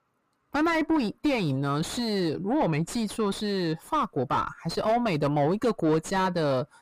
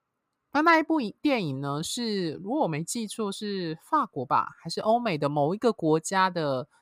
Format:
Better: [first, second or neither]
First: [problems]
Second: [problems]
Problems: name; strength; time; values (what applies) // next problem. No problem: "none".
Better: second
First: distortion; heavy; 5 dB below the speech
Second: none